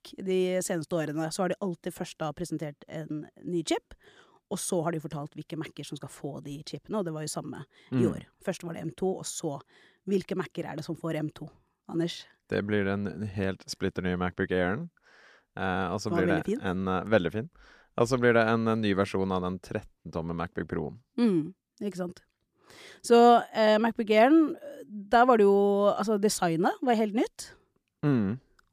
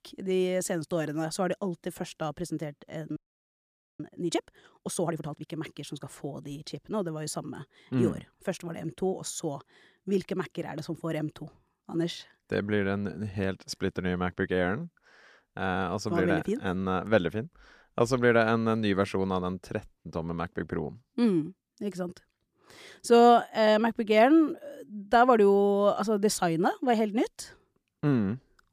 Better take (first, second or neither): first